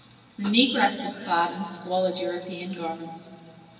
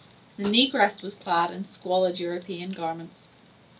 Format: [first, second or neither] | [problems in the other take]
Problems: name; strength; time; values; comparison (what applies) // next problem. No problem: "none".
second | room echo; dies away in 2.3 s